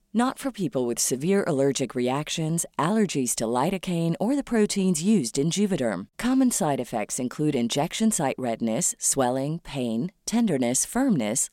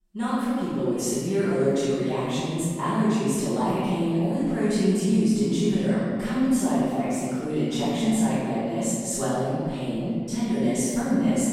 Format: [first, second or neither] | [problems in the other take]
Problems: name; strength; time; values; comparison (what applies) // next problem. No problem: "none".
first | room echo; strong; dies away in 2.2 s // off-mic speech; far